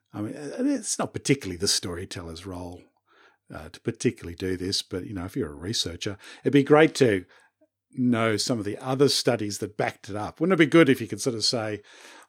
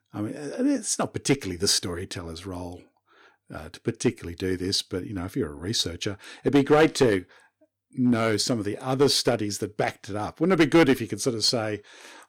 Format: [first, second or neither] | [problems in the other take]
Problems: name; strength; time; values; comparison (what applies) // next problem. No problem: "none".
first | distortion; slight; 1.5% of the sound clipped